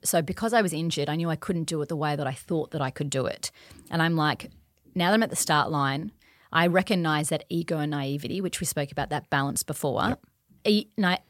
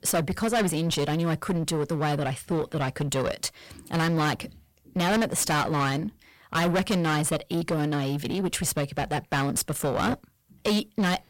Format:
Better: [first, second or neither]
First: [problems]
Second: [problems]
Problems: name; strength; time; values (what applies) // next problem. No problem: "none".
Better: first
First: none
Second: distortion; heavy; 17% of the sound clipped